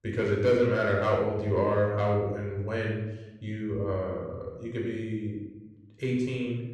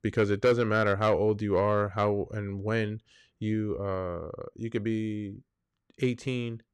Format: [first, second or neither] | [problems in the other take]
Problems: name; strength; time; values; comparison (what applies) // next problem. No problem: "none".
second | off-mic speech; far // room echo; noticeable; dies away in 0.9 s